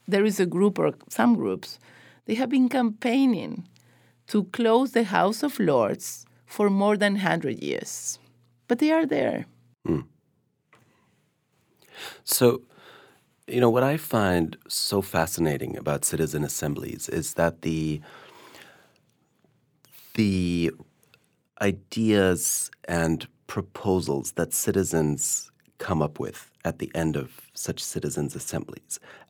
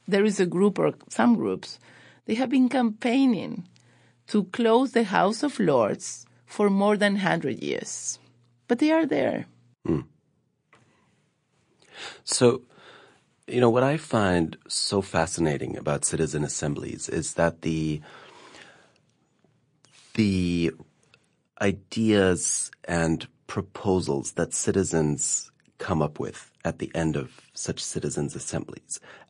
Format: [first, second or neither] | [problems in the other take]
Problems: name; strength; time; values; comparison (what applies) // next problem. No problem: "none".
first | garbled, watery; slightly; nothing above 8.5 kHz